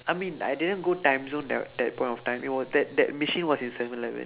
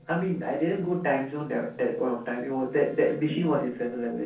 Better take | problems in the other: first | noise reduction (neural separator model SepFormer DNS4)

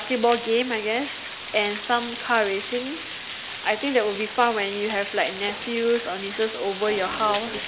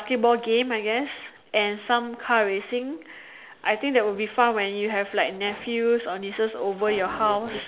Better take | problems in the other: second | background sound (Water); 10 dB below the speech

